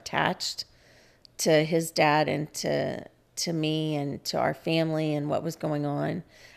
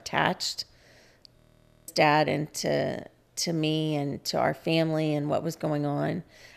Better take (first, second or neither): first